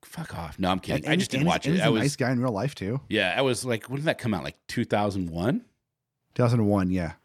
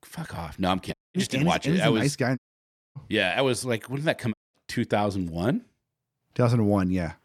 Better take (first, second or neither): first